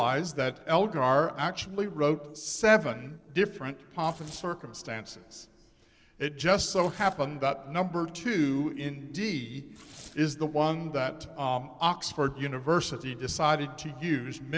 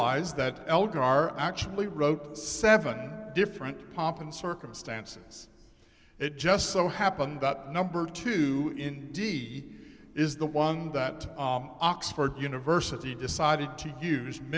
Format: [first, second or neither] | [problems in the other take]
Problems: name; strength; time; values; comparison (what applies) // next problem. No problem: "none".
second | noise reduction (neural separator model SepFormer DNS4)